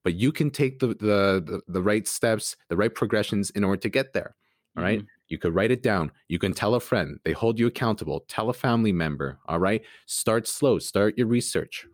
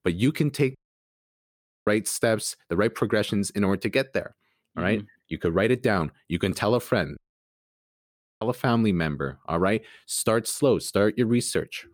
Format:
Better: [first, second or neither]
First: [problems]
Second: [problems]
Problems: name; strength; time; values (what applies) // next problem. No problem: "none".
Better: first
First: none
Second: audio cutting out; at 1 s for 1 s and at 7 s for 1 s